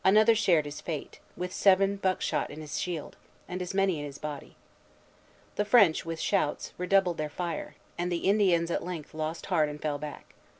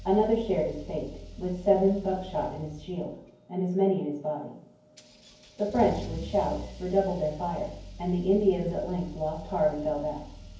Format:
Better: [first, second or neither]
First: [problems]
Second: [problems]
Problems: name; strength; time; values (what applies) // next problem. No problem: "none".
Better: first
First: none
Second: background sound (Engine starting / Accelerating, revving, vroom / Car); 15 dB below the speech // room echo; dies away in 0.9 s